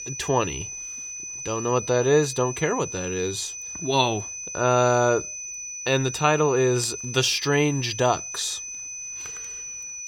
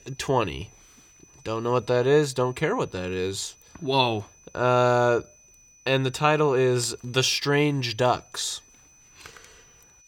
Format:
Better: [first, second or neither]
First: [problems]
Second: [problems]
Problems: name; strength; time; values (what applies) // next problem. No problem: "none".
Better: second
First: high-pitched whine; loud; throughout; 6 kHz, 9 dB below the speech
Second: high-pitched whine; faint; throughout; 6 kHz, 30 dB below the speech